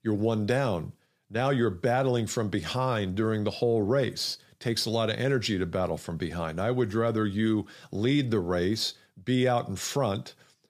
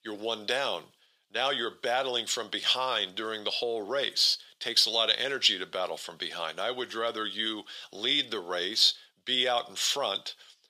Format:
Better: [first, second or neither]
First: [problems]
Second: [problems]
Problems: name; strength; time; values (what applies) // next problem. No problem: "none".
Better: first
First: none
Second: thin; very; fading below 600 Hz